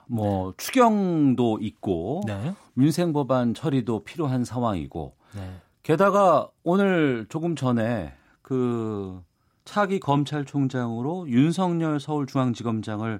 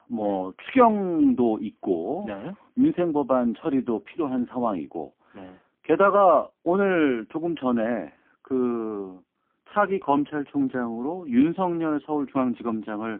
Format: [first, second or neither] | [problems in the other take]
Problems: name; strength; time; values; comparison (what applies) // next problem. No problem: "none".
first | phone-call audio; poor line